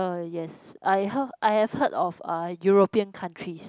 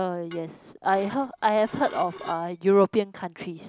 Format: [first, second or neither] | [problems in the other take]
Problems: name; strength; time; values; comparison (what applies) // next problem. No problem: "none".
first | background sound (Dishes, pots, and pans / Glass); 19 dB below the speech